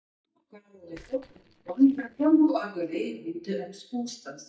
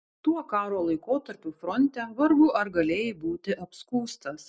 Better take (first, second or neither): second